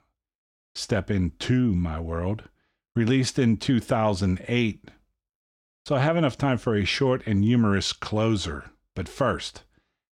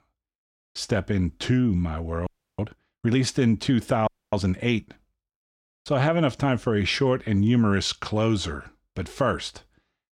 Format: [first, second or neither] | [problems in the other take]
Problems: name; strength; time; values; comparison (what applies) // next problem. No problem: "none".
first | audio freezing; at 2.5 s and at 4 s